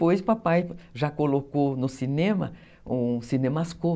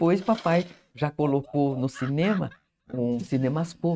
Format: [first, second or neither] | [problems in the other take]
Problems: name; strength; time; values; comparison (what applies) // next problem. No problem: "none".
first | noise reduction (neural mask model RNNoise)